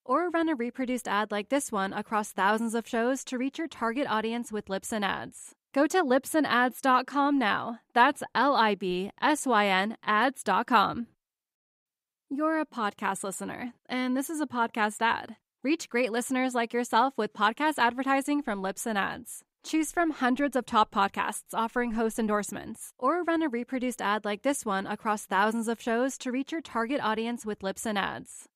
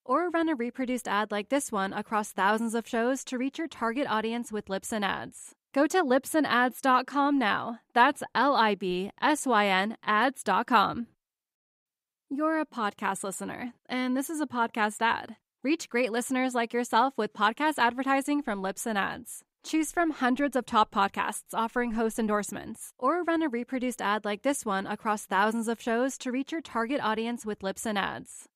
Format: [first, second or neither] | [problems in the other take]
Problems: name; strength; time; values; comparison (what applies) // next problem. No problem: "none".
neither | none